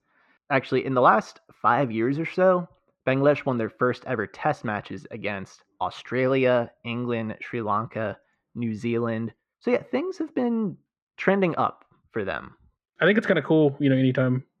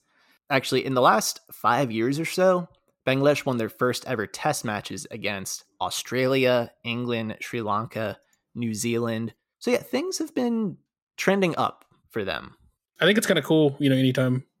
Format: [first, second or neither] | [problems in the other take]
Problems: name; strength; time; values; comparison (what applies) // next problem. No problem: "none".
second | muffled; very; fading above 2 kHz